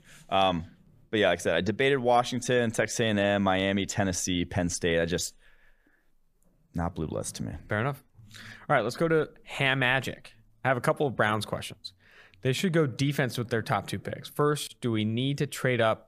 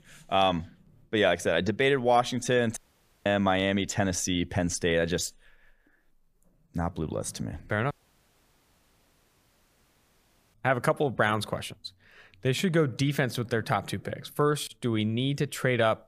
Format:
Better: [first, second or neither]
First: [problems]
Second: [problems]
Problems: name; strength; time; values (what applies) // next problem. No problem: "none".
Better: first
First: none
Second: audio cutting out; at 3 s and at 8 s for 2.5 s